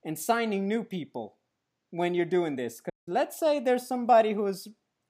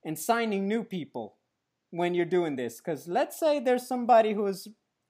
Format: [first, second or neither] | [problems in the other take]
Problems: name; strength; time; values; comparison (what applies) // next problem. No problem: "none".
second | audio cutting out; at 3 s